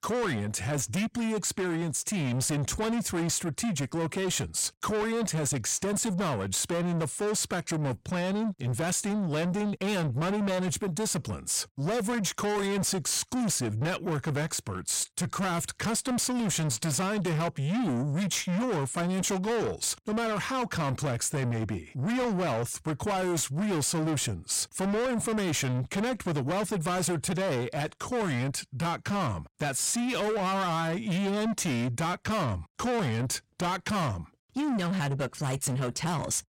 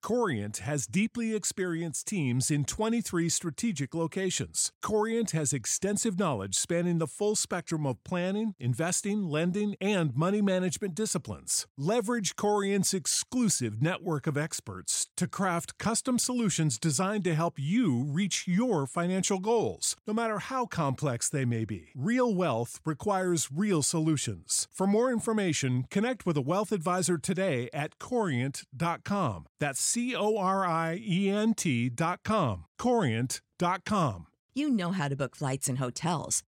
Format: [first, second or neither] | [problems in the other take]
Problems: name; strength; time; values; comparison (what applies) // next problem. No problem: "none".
second | distortion; heavy; 7 dB below the speech